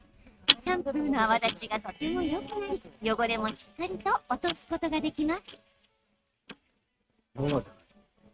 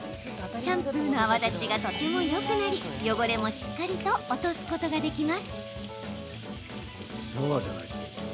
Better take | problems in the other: second | noise reduction (neural mask model RNNoise)

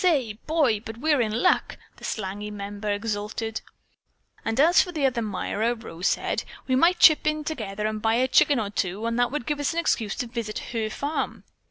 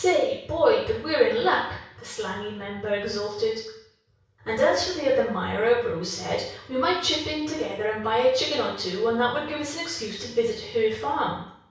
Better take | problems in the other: first | room echo; dies away in 0.6 s

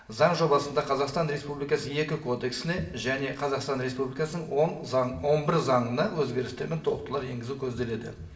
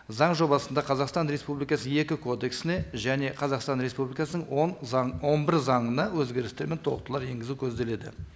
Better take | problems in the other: second | room echo; dies away in 0.7 s

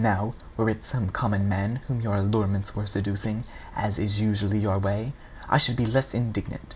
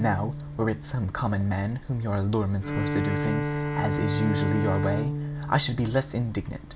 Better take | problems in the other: first | background sound (Bowed string instrument); 4 dB below the speech

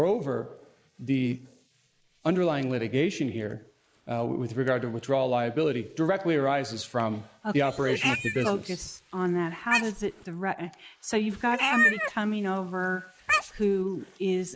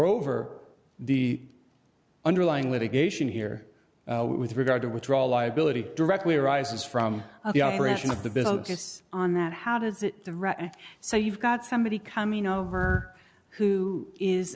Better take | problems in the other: second | noise reduction (neural mask model Resemble Enhance denoiser)

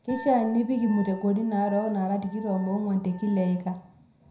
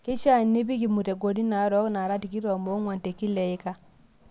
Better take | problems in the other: second | background sound (Wind instrument, woodwind instrument); 19 dB below the speech // room echo; dies away in 0.5 s

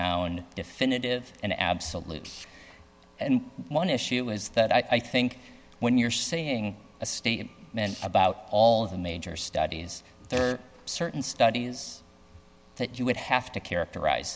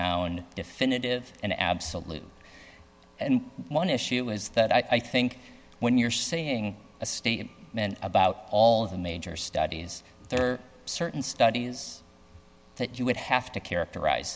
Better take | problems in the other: second | background sound (Tools); 20 dB below the speech

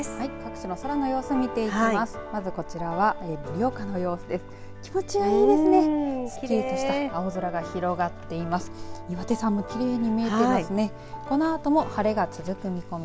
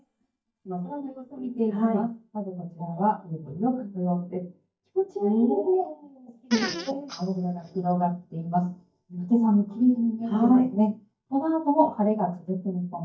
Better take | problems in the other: first | noise reduction (neural mask model DeepFilterNet 3)

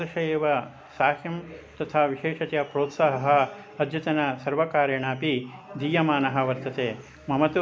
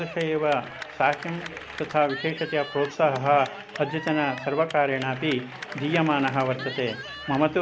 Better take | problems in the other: first | background sound (Cheering / Clapping); 13 dB below the speech

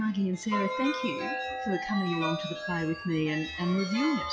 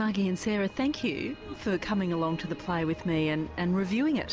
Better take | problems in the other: second | noise reduction (classical method log-MMSE)

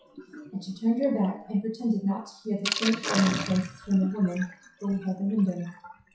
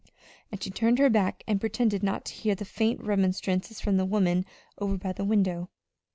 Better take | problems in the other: second | noise reduction (classical method WPE with log-MMSE)

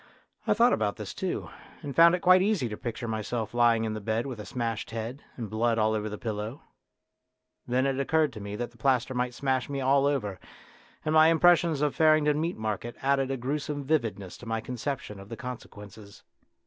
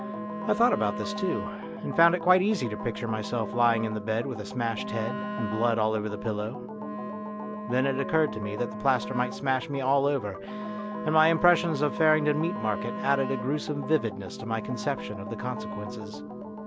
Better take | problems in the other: first | background sound (Wind instrument, woodwind instrument + Organ); 7 dB below the speech

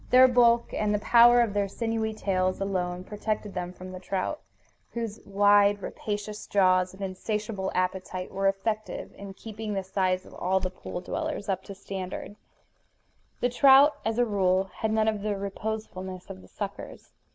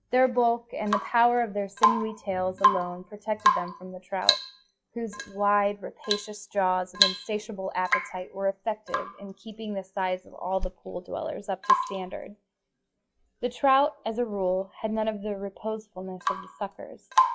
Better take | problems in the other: first | noise reduction (classical method log-MMSE)

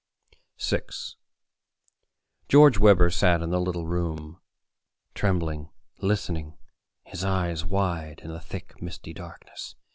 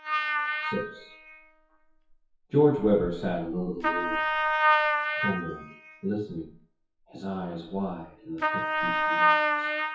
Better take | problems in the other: first | noise reduction (classical method WPE with log-MMSE)

